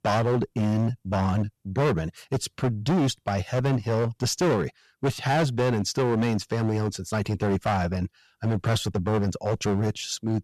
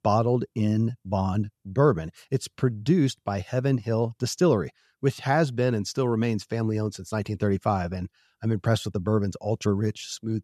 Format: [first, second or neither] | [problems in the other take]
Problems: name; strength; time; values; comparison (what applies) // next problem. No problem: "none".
second | distortion; heavy; 15% of the sound clipped